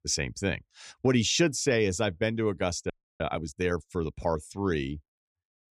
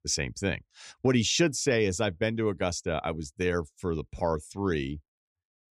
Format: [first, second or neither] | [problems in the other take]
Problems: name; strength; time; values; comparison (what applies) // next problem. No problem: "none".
second | audio freezing; at 3 s